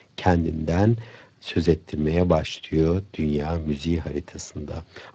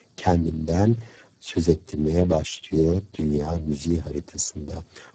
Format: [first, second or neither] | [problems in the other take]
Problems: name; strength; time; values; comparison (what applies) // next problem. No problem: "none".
first | garbled, watery; badly; nothing above 7.5 kHz; slightly in the first